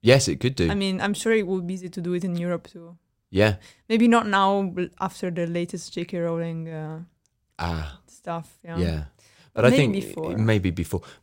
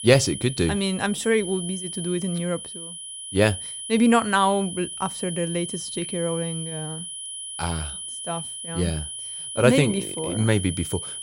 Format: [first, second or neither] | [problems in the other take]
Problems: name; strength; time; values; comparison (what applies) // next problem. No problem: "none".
first | high-pitched whine; loud; throughout; 10 kHz, 7 dB below the speech